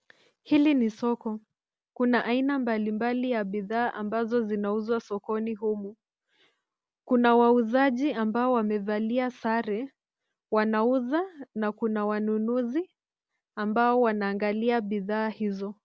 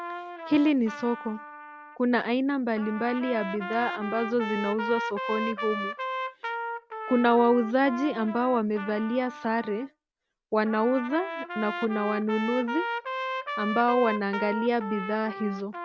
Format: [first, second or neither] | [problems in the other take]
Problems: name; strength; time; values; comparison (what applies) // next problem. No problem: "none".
first | background sound (Trumpet); 8 dB below the speech